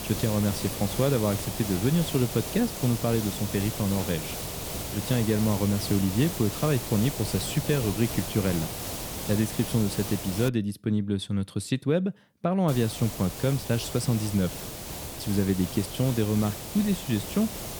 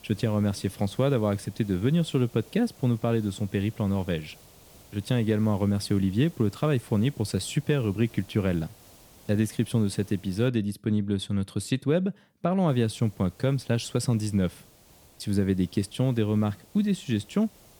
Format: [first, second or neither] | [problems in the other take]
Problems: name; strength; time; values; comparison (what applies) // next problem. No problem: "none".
second | hiss; loud; until 10 s and from 13 s on; 6 dB below the speech; faint in the second